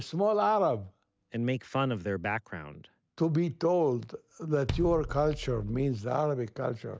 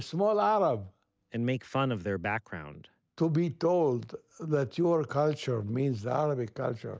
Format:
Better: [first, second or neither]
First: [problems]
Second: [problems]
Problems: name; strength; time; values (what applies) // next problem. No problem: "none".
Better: second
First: background sound (Bass drum); 9 dB below the speech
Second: none